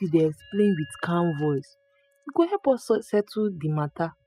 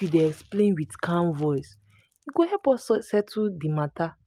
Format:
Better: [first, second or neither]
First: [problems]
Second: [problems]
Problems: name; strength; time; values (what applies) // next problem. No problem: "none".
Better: second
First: noise reduction (classical method spectral subtraction)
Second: none